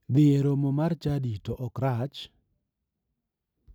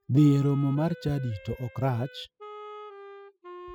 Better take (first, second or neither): first